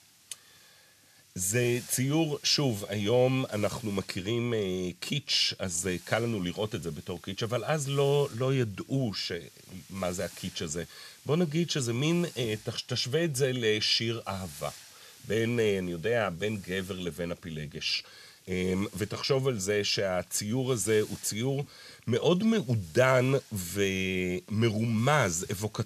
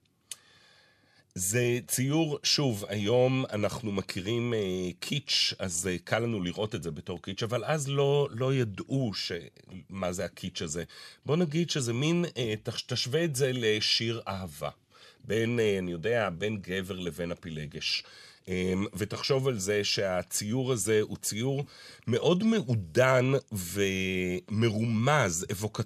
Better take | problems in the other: second | hiss; faint; throughout; 20 dB below the speech

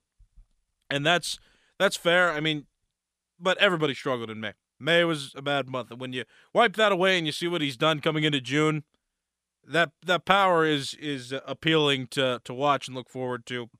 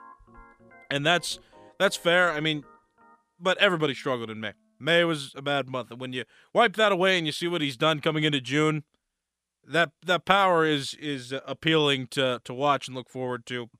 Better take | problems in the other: first | background music; faint; until 4.5 s; 30 dB below the speech

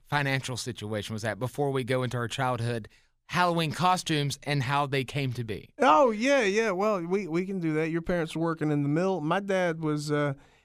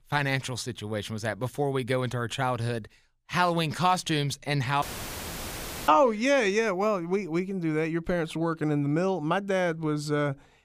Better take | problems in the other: first | audio cutting out; filled with static; at 5 s for 1 s

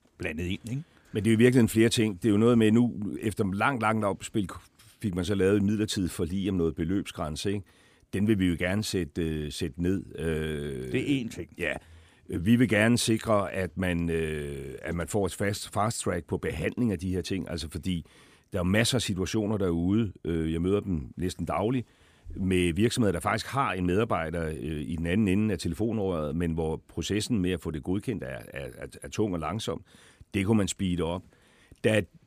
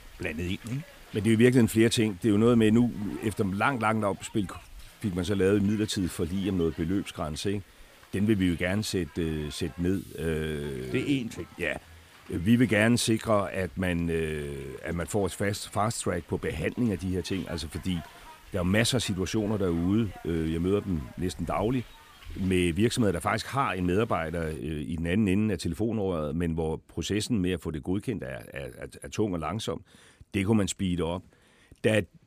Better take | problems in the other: first | hiss; faint; until 25 s; 25 dB below the speech

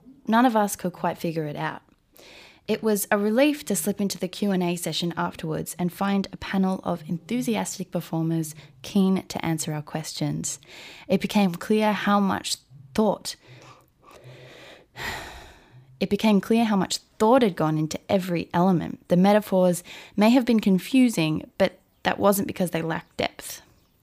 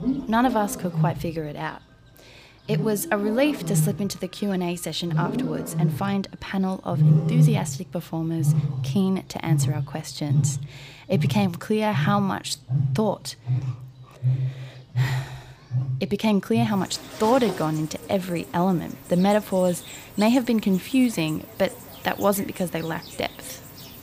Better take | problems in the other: first | animal sounds; loud; throughout; 1 dB below the speech; faint in the first

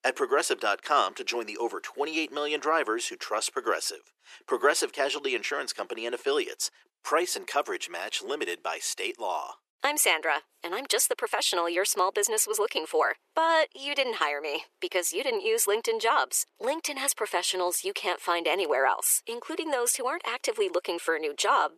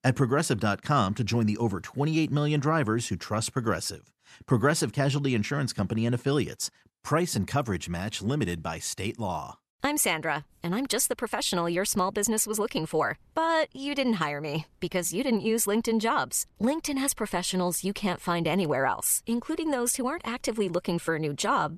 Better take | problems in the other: second | thin; very; fading below 350 Hz

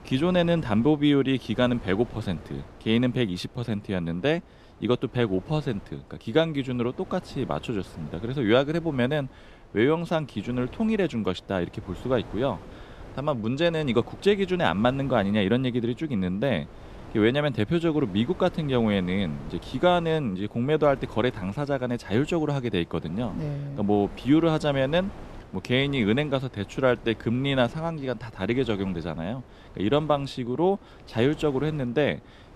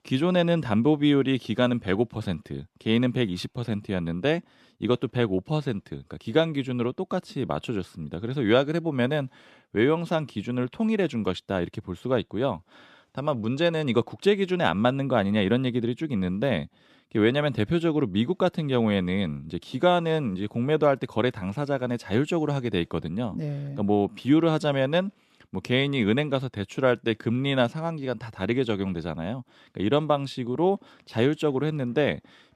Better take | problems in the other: second | wind noise on the microphone; occasional gusts; 20 dB below the speech

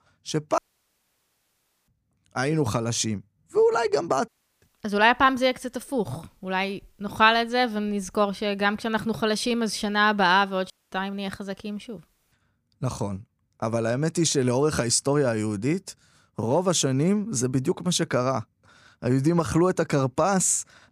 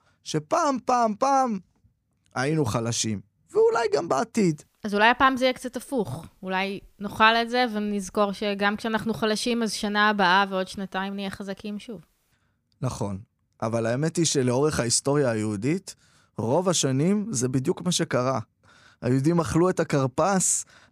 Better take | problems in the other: second | audio cutting out; at 0.5 s for 1.5 s, at 4.5 s and at 11 s

